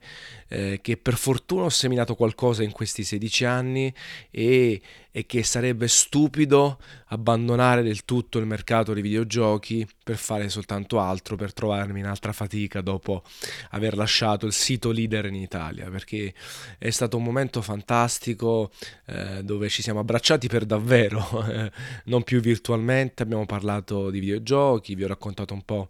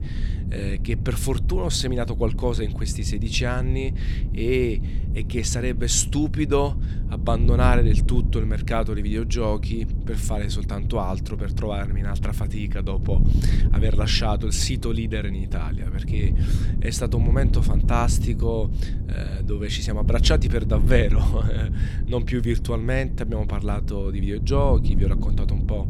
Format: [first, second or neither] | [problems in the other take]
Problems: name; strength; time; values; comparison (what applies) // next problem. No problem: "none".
first | wind noise on the microphone; occasional gusts; 10 dB below the speech